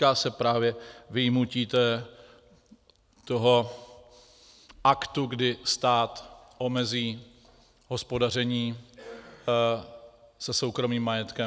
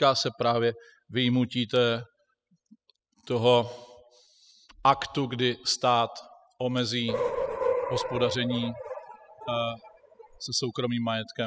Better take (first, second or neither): first